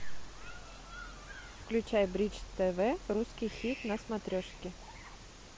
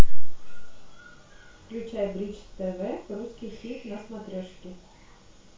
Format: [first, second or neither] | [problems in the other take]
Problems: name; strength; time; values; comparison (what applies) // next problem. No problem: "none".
first | room echo; dies away in 0.3 s